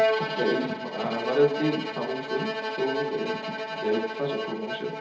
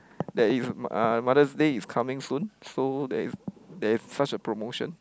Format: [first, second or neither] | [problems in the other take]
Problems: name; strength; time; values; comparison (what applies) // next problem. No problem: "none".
second | background sound (Bowed string instrument); 2 dB below the speech // room echo; dies away in 1.2 s